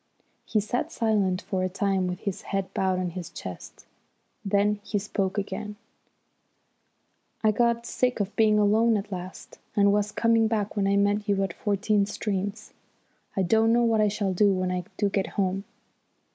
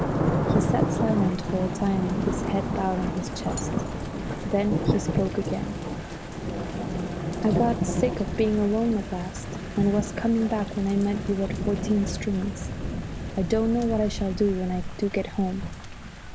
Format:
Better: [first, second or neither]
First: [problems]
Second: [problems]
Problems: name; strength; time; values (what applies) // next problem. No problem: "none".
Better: first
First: none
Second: background sound (Thunder / Rain); 1 dB below the speech